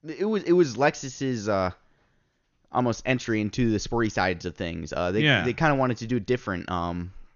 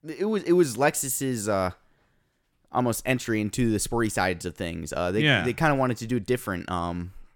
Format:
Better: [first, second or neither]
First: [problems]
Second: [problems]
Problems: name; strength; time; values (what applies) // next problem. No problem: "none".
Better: second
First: garbled, watery; slightly; nothing above 6.5 kHz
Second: none